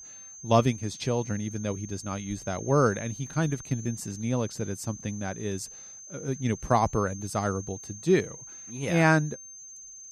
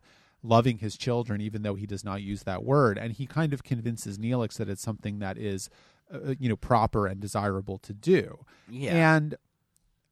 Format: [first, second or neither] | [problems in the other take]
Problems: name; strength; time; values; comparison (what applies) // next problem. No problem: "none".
second | high-pitched whine; noticeable; throughout; 6.5 kHz, 15 dB below the speech